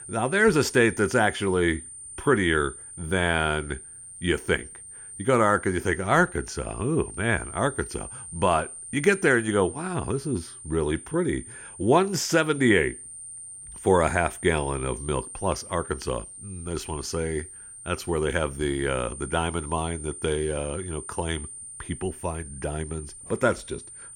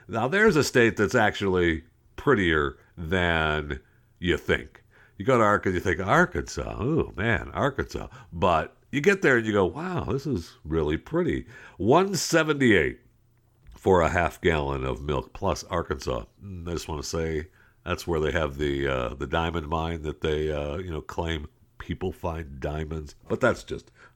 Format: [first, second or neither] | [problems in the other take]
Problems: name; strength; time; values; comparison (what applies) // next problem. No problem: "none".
second | high-pitched whine; noticeable; throughout; 9 kHz, 15 dB below the speech